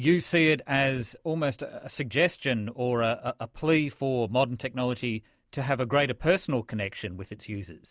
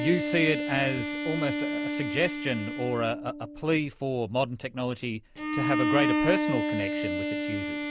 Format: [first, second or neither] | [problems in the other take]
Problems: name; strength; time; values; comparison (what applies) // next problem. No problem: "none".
first | background sound (Bowed string instrument); 1 dB below the speech